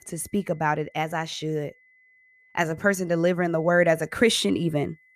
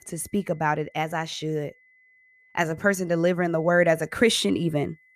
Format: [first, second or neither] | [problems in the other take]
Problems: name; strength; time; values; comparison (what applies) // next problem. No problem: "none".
neither | high-pitched whine; faint; throughout; 2 kHz, 30 dB below the speech; the same in both